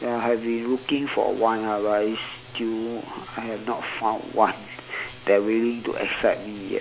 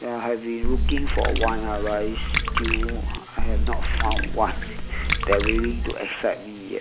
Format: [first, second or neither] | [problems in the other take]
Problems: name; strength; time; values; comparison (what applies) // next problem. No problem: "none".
first | background sound (Water / Liquid); 5 dB above the speech